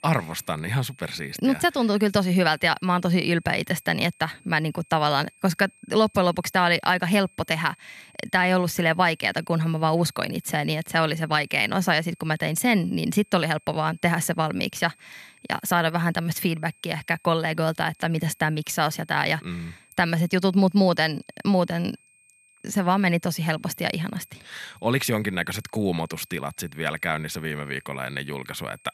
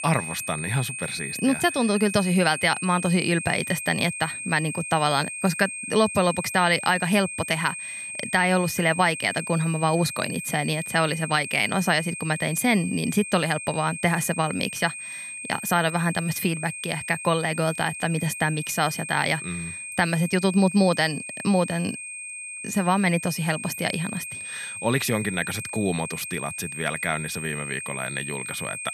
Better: first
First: high-pitched whine; faint; throughout; 2.5 kHz, 30 dB below the speech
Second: high-pitched whine; loud; throughout; 2.5 kHz, 8 dB below the speech

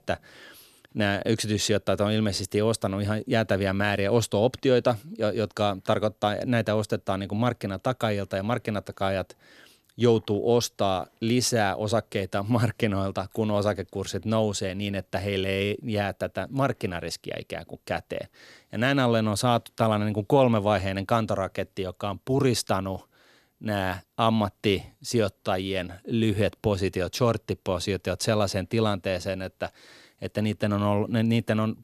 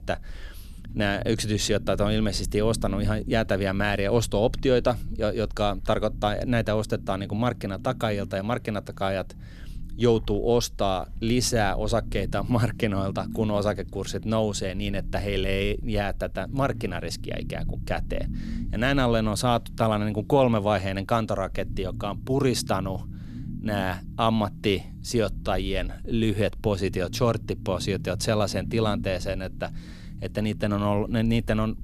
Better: first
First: none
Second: low rumble; faint; throughout; 20 dB below the speech

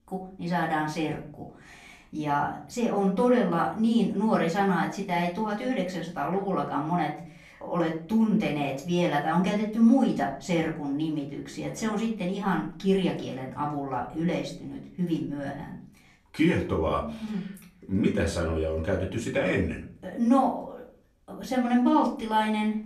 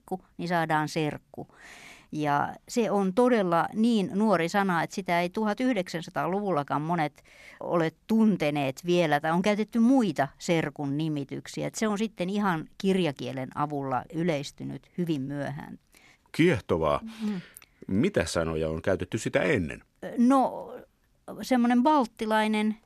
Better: second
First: off-mic speech; far // room echo; slight; dies away in 0.4 s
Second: none

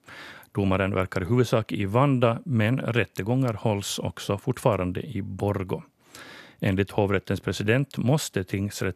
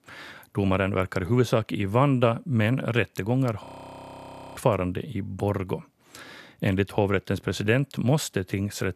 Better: first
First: none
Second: audio freezing; at 3.5 s for 1 s

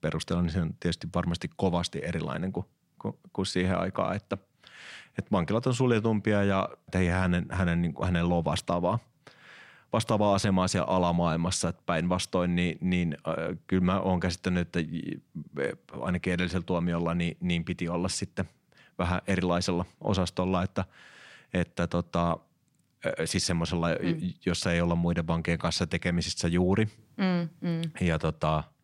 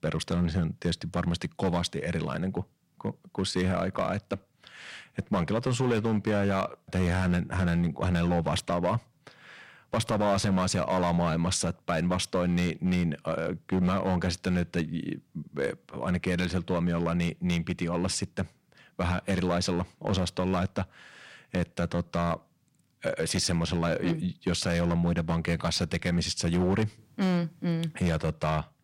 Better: first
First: none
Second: distortion; slight; 5% of the sound clipped

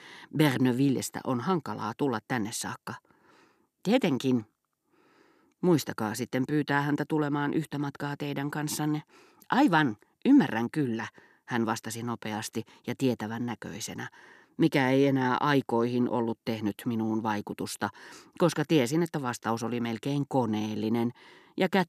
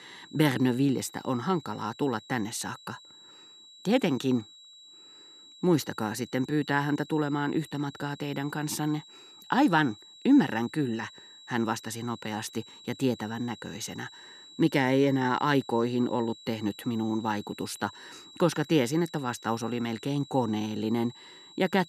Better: first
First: none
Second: high-pitched whine; noticeable; throughout; 4 kHz, 20 dB below the speech

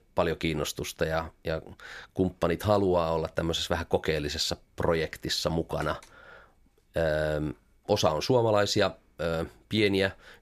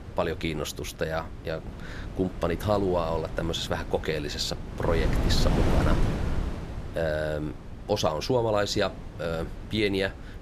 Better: first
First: none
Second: wind noise on the microphone; occasional gusts; 10 dB below the speech

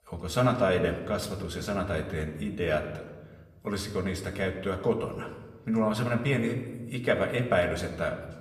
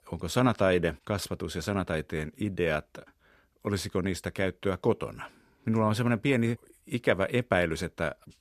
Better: second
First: room echo; slight; dies away in 1 s // off-mic speech; somewhat distant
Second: none

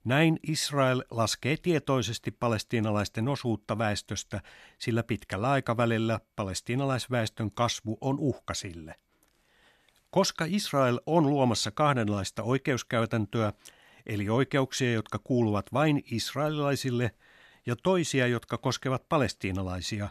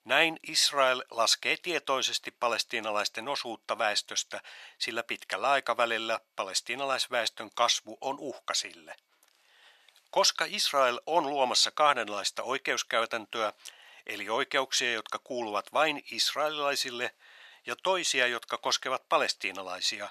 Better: first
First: none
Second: thin; very; fading below 700 Hz

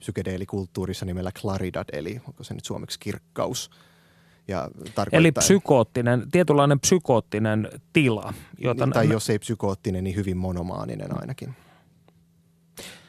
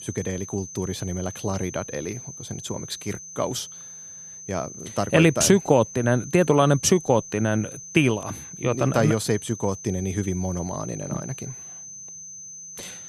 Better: first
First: none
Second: high-pitched whine; noticeable; throughout; 6 kHz, 15 dB below the speech

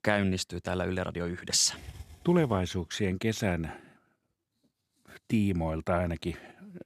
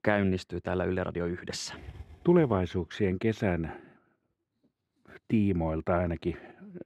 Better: first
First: none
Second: muffled; slightly; fading above 4 kHz

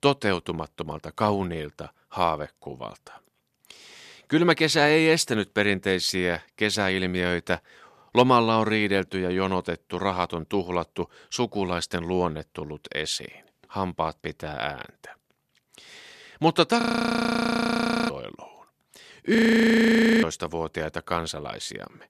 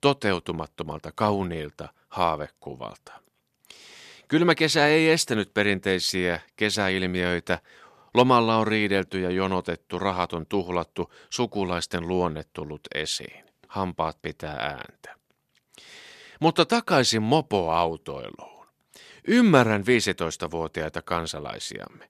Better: second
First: audio freezing; at 17 s for 1.5 s and at 19 s for 1 s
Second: none

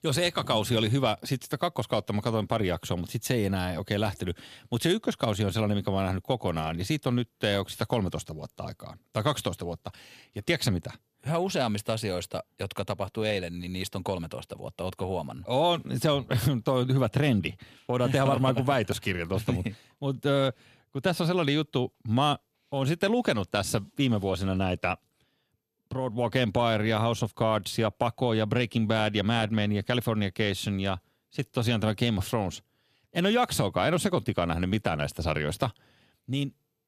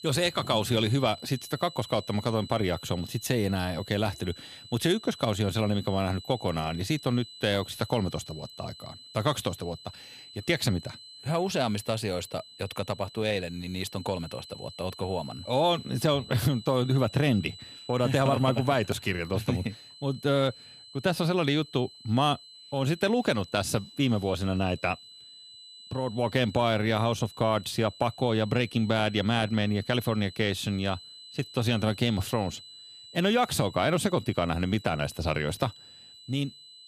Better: first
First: none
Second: high-pitched whine; noticeable; throughout; 4 kHz, 15 dB below the speech

